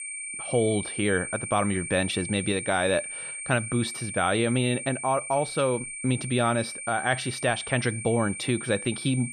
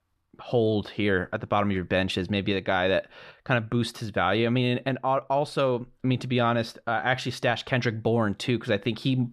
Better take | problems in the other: second | high-pitched whine; loud; throughout; 8.5 kHz, 7 dB below the speech

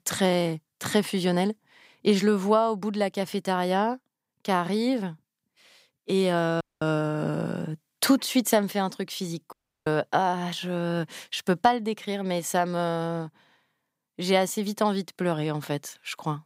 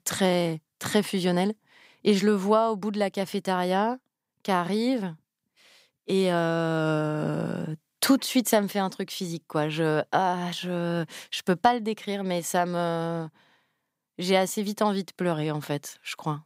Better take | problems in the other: second | audio cutting out; at 6.5 s and at 9.5 s

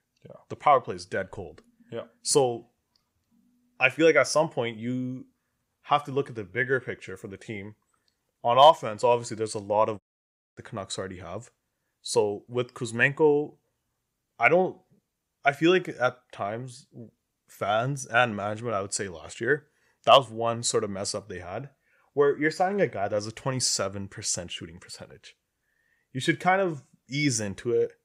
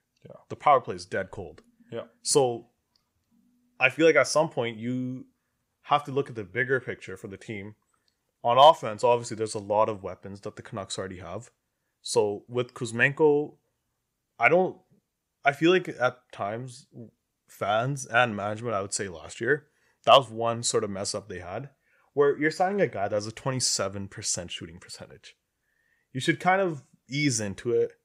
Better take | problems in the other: second | audio cutting out; at 10 s for 0.5 s

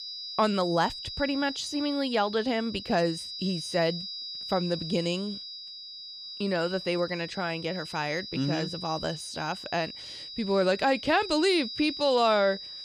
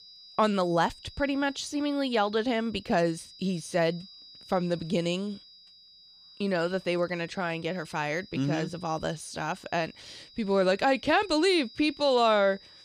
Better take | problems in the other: second | high-pitched whine; loud; throughout; 5 kHz, 9 dB below the speech; faint in the second

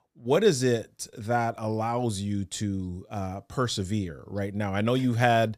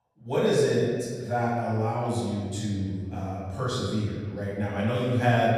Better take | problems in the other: first | off-mic speech; far // room echo; strong; dies away in 1.6 s

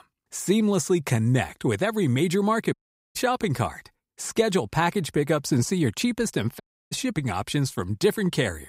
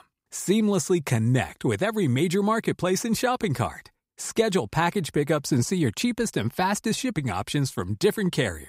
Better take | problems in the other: second | audio cutting out; at 2.5 s and at 6.5 s

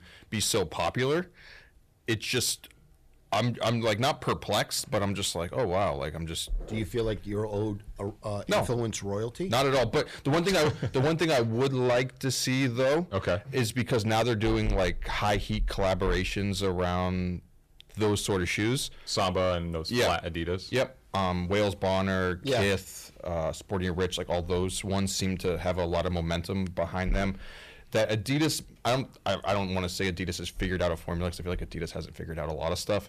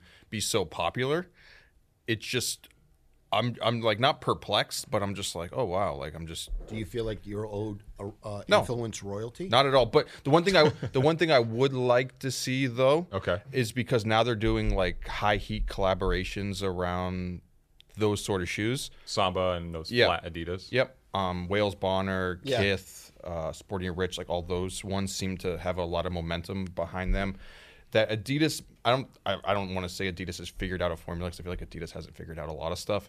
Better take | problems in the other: second | distortion; heavy; 7 dB below the speech

